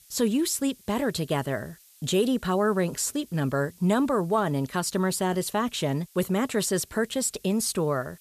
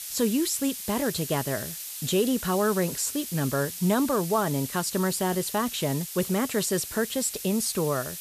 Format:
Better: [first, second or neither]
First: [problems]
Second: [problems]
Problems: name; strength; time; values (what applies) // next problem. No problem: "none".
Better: first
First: hiss; faint; throughout; 25 dB below the speech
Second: hiss; loud; throughout; 7 dB below the speech